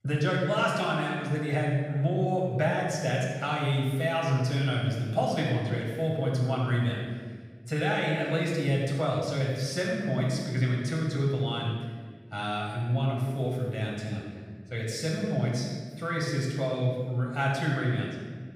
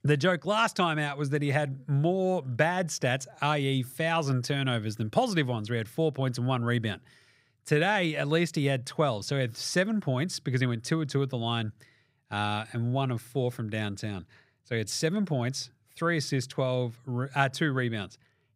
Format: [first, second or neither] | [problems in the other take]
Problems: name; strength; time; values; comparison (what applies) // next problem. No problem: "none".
second | room echo; noticeable; dies away in 1.4 s // off-mic speech; far